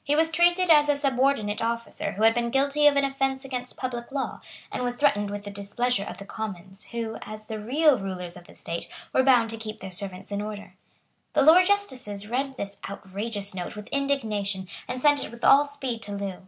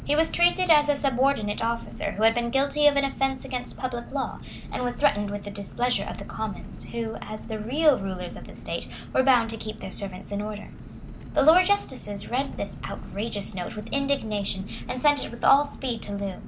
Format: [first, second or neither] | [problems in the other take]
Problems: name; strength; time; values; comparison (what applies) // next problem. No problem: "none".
first | background sound (Engine); 11 dB below the speech